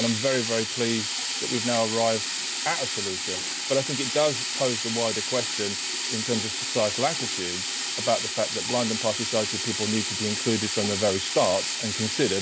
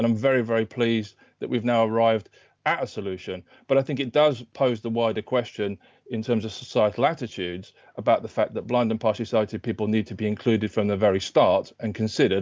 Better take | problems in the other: second | background sound (Sink (filling or washing)); 1 dB below the speech

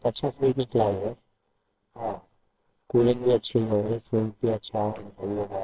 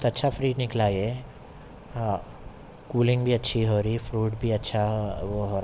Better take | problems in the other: second | noise reduction (neural separator model SepFormer WHAMR!)

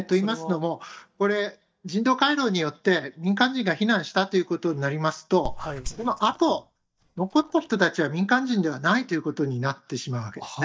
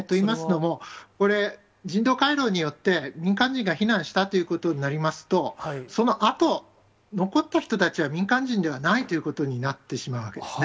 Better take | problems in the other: second | noise reduction (neural mask model DeepFilterNet 3)

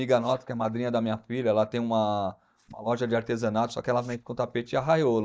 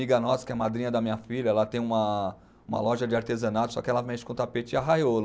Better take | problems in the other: second | noise reduction (neural mask model DeepFilterNet 3)

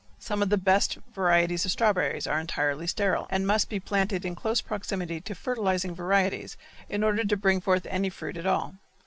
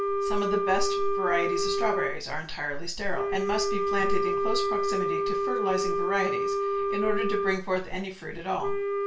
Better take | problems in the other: first | background sound (Wind instrument, woodwind instrument); 1 dB above the speech // room echo; dies away in 0.3 s

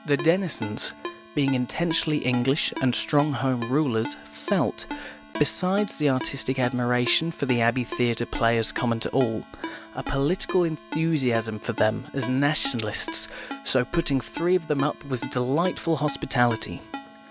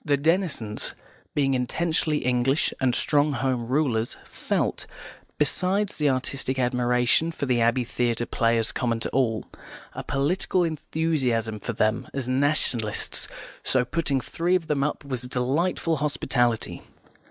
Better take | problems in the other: second | background sound (Ringtone); 13 dB below the speech

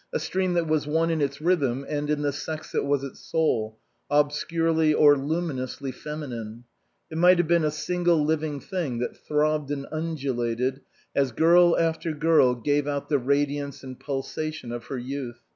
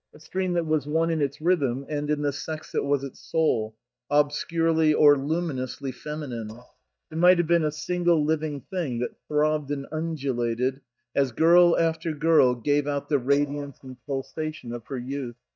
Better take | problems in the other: first | noise reduction (neural mask model DeepFilterNet 3)

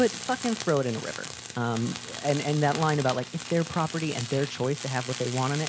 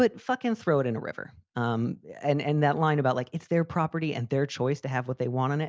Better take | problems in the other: second | background sound (Tools); 10 dB below the speech

